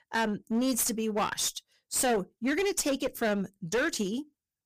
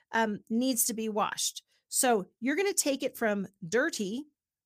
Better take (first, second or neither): second